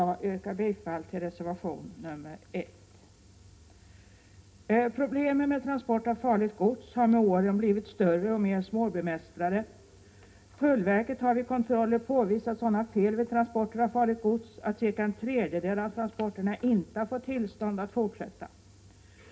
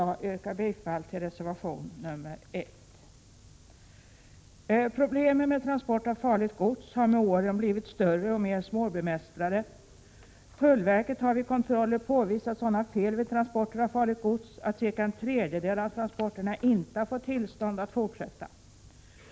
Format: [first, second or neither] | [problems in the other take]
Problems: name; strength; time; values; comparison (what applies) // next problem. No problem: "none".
second | room echo; dies away in 0.3 s